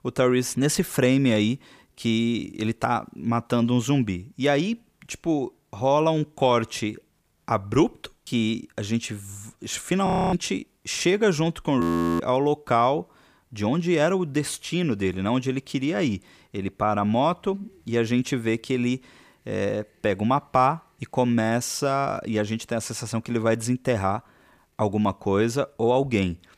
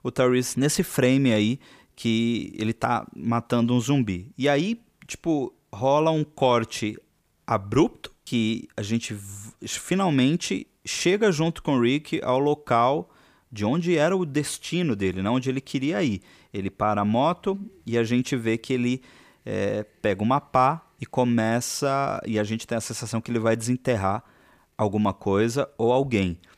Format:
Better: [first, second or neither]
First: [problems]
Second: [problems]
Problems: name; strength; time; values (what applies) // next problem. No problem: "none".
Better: second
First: audio freezing; at 10 s and at 12 s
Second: none